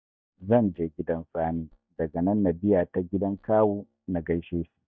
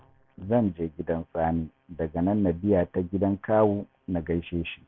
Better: second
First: noise reduction (neural mask model DeepFilterNet 3)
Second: none

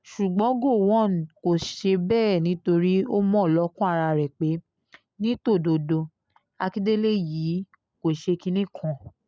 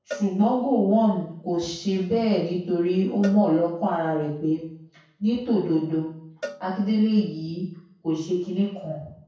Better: first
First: none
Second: background sound (Cowbell); 20 dB below the speech // room echo; dies away in 0.6 s

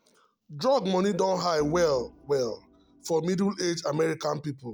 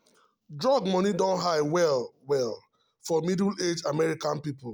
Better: second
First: background sound (Organ); 19 dB below the speech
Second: none

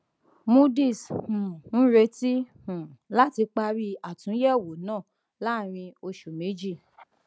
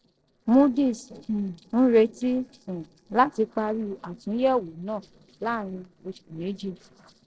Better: first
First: none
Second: noise reduction (neural separator model SepFormer DNS4)

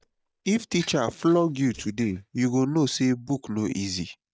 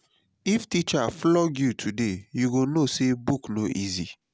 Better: second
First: noise reduction (neural mask model DeepFilterNet 3)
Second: none

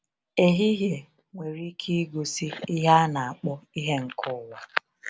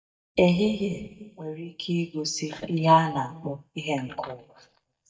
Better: first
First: none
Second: noise reduction (neural mask model DeepFilterNet 3)

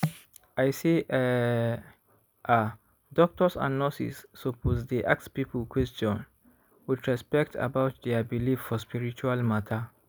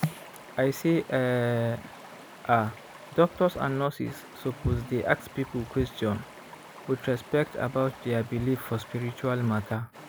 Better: first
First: none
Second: background sound (Stream); 18 dB below the speech

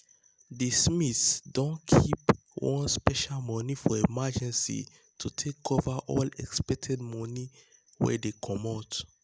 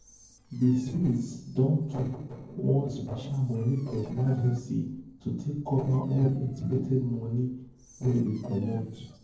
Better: first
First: none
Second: noise reduction (neural separator model SepFormer DNS4)

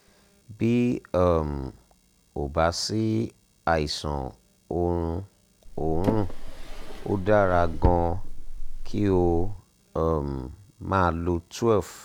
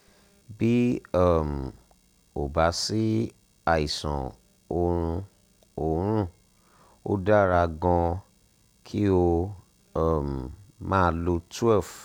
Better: second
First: background sound (Drawer open or close); 1 dB below the speech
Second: none

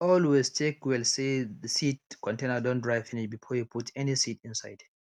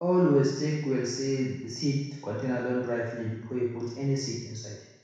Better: first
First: none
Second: room echo; dies away in 1.1 s

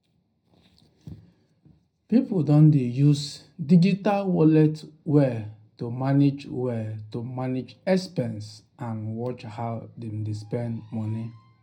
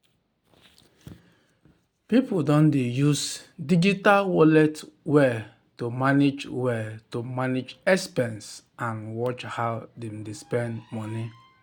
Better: second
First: room echo; dies away in 0.4 s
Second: none

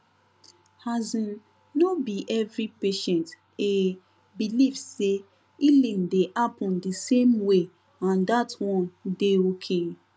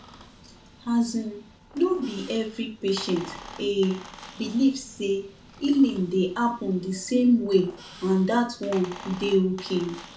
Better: first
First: none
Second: background sound (Squeak); 19 dB below the speech // room echo; dies away in 0.3 s

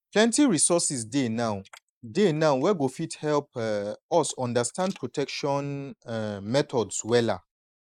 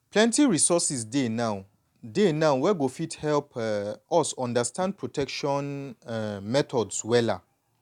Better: second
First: noise reduction (neural mask model Resemble Enhance denoiser)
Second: none

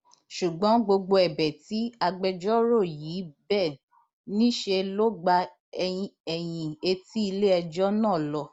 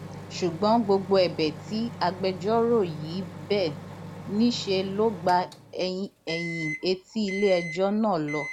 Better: first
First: none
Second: background sound (Microwave oven); 13 dB below the speech

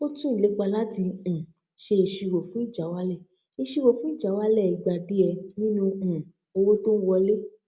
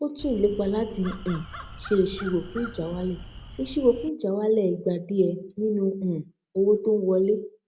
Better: first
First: none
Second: background sound (Crow); 14 dB below the speech

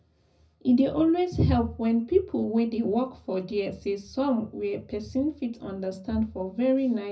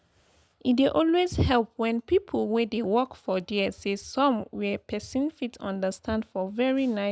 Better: second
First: room echo; dies away in 0.4 s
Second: none

